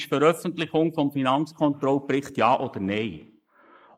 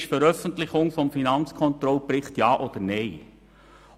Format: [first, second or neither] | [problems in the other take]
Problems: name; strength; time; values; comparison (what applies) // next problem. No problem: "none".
second | noise reduction (neural mask model Resemble Enhance denoiser)